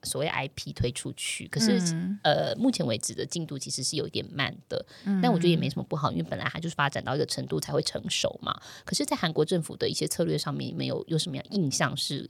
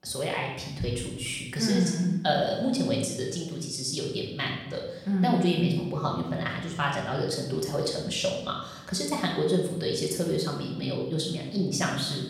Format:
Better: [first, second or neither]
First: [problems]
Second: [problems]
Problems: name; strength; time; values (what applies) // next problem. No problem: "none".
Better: first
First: none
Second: room echo; noticeable; dies away in 0.8 s // off-mic speech; far